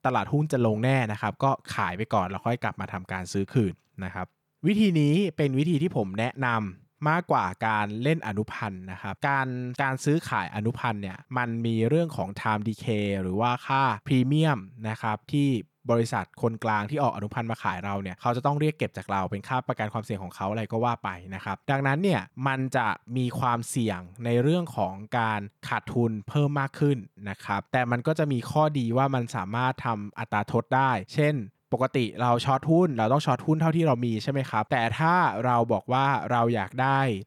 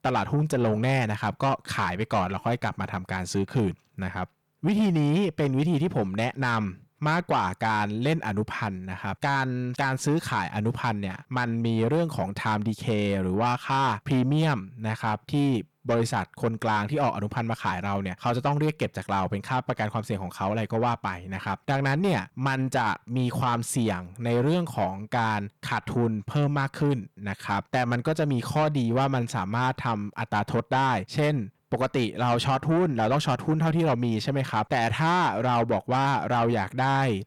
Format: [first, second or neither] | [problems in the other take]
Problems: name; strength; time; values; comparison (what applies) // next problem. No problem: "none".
first | distortion; slight; 10 dB below the speech